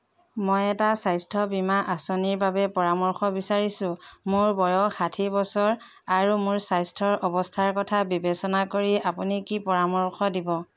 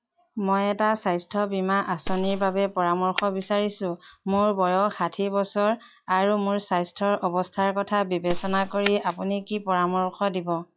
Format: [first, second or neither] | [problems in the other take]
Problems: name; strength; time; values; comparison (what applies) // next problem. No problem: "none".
first | noise reduction (classical method log-MMSE)